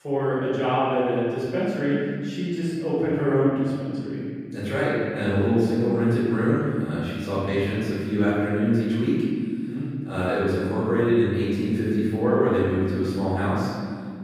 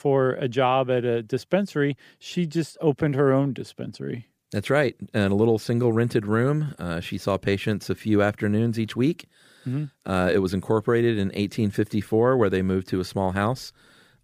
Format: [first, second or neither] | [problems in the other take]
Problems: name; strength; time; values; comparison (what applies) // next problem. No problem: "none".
second | room echo; strong; dies away in 2.2 s // off-mic speech; far